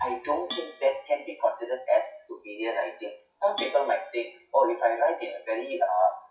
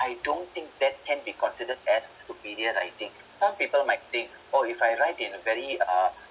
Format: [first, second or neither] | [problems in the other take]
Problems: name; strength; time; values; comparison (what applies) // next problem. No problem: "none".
second | noise reduction (classical method WPE with log-MMSE)